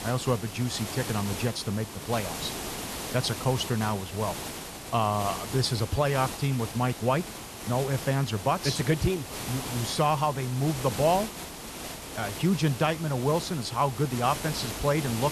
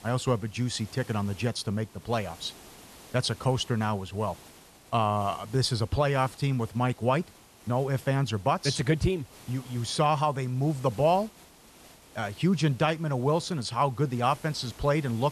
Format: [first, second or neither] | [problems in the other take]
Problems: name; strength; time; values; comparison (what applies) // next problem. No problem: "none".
second | hiss; loud; throughout; 8 dB below the speech; faint in the second